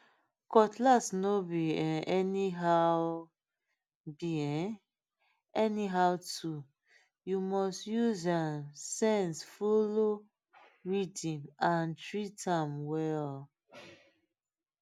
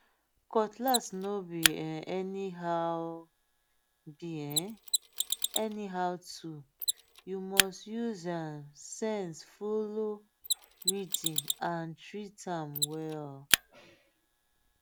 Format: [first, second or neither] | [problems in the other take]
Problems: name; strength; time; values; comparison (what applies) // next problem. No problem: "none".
first | background sound (Mechanisms); as loud as the speech